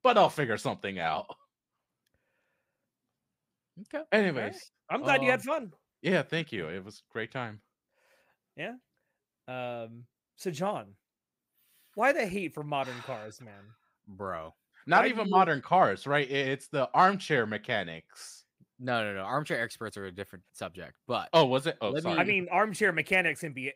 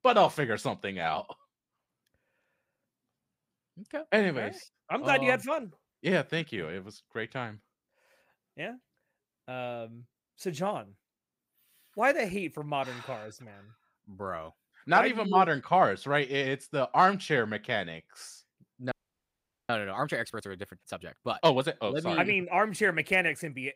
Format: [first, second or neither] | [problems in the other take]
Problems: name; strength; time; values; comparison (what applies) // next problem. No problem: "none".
first | audio freezing; at 19 s for 1 s